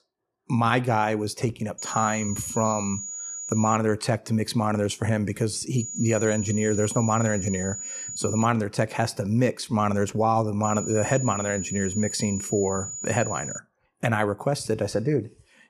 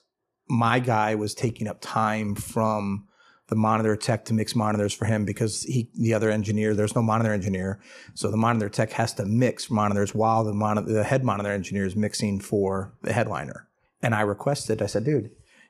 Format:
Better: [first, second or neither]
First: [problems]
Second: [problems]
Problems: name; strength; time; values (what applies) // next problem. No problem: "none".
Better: second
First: high-pitched whine; loud; from 2 to 4 s, from 6 to 8.5 s and from 11 to 14 s; 7 kHz, 7 dB below the speech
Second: none